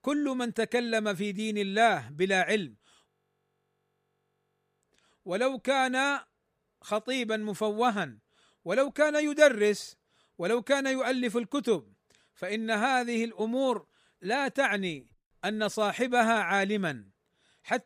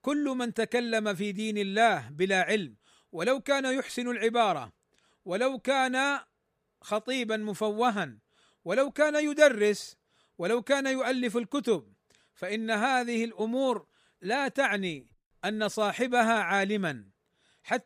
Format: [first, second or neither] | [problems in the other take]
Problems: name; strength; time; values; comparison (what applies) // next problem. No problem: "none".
second | audio freezing; at 3 s for 1.5 s